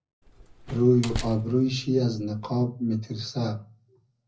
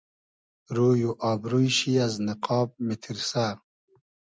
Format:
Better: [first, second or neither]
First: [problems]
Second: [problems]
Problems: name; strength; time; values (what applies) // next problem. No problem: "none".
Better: second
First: background sound (Slam); 12 dB below the speech // room echo; dies away in 0.4 s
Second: none